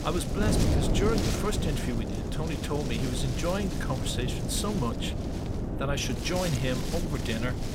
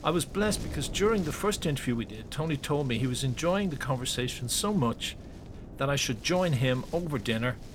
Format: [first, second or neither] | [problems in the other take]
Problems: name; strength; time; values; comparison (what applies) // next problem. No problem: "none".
second | wind noise on the microphone; heavy; 3 dB below the speech; occasional gusts in the second